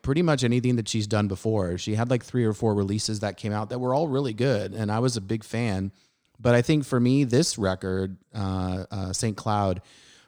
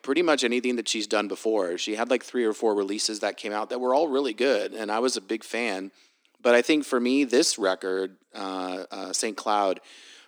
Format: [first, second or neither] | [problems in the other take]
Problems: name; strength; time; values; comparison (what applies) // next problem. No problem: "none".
first | thin; somewhat; fading below 250 Hz